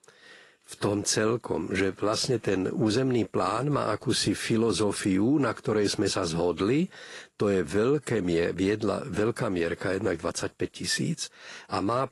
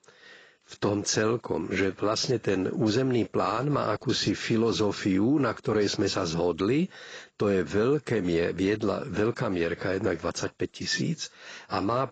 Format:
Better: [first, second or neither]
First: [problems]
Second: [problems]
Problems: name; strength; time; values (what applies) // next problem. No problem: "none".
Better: first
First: garbled, watery; slightly; nothing above 11 kHz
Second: garbled, watery; badly; nothing above 7.5 kHz